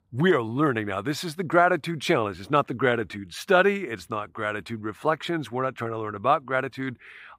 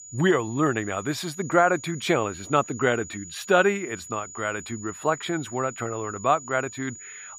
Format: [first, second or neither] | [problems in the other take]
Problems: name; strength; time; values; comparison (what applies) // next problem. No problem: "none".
first | high-pitched whine; noticeable; throughout; 7 kHz, 15 dB below the speech